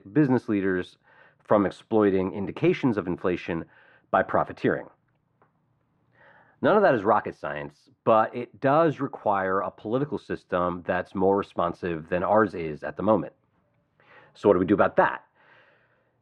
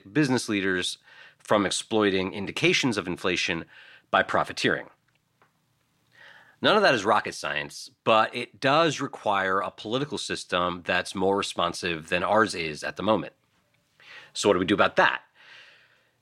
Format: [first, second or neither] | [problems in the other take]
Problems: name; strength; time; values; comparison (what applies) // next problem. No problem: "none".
second | muffled; very; fading above 2.5 kHz